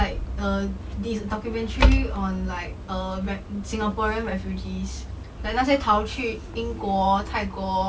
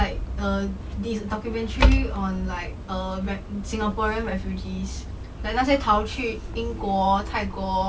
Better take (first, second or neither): first